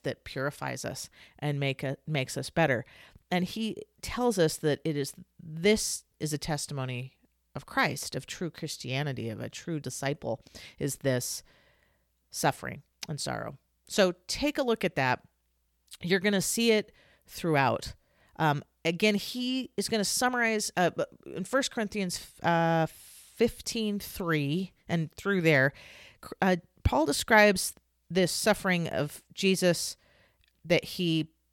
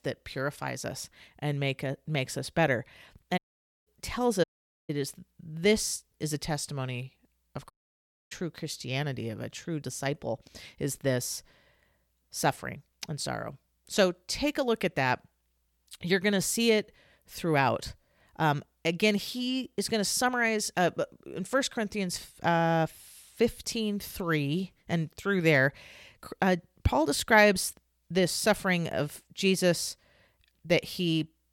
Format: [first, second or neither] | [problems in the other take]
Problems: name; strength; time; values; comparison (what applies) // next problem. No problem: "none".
first | audio cutting out; at 3.5 s, at 4.5 s and at 7.5 s for 0.5 s